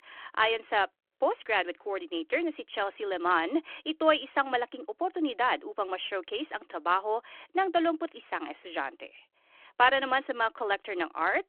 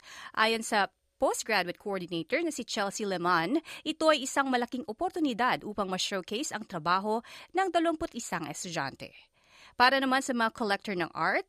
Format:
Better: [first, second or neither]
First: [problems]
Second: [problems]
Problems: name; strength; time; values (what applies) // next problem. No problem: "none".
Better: second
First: phone-call audio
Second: none